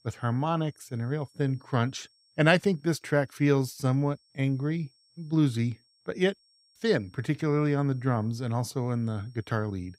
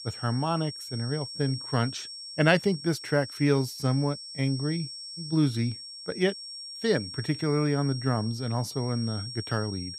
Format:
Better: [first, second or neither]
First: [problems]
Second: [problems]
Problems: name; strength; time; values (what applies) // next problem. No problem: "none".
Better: first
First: high-pitched whine; faint; throughout; 5.5 kHz, 35 dB below the speech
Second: high-pitched whine; loud; throughout; 5.5 kHz, 10 dB below the speech